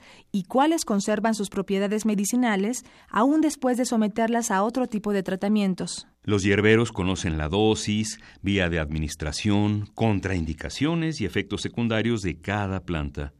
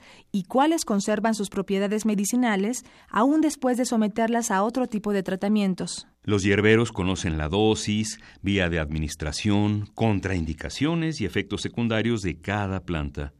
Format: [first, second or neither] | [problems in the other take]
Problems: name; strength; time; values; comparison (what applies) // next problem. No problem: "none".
neither | none